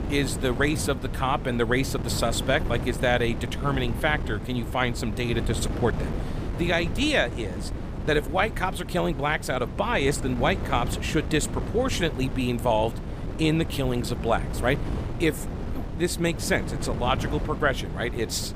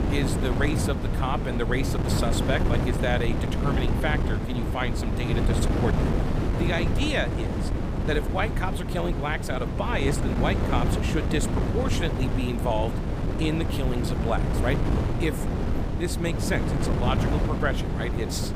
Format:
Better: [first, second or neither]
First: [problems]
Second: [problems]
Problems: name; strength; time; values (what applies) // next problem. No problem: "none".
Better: first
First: wind noise on the microphone; occasional gusts; 10 dB below the speech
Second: wind noise on the microphone; heavy; 3 dB below the speech